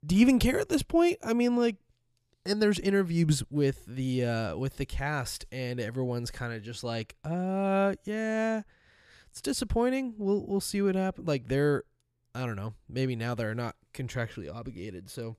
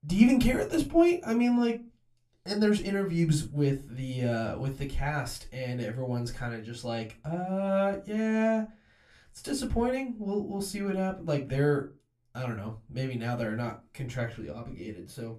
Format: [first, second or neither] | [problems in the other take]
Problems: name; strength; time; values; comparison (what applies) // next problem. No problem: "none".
first | off-mic speech; somewhat distant // room echo; very slight; dies away in 0.2 s